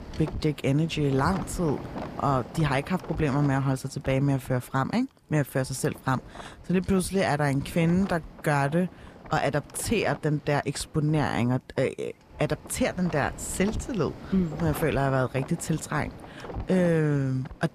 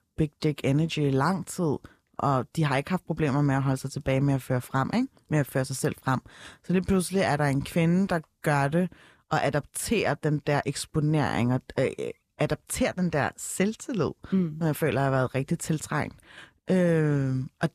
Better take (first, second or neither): second